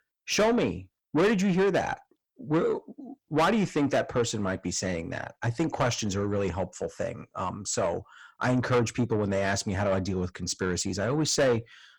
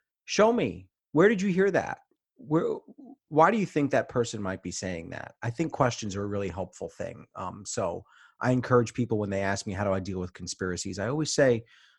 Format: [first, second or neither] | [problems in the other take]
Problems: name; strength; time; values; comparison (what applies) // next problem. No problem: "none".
second | distortion; heavy; 7 dB below the speech